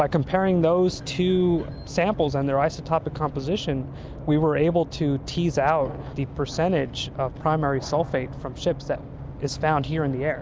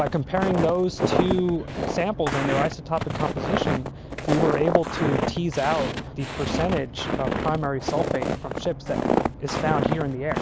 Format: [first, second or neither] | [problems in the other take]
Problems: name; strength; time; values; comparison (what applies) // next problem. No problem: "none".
first | background sound (Walk, footsteps); 1 dB below the speech